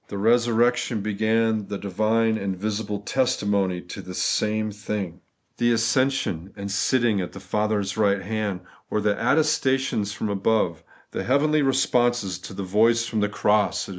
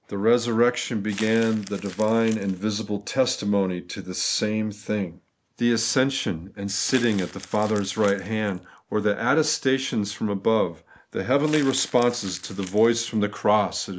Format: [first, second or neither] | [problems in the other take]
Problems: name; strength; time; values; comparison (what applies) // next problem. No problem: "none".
first | background sound (Crumpling, crinkling); 19 dB below the speech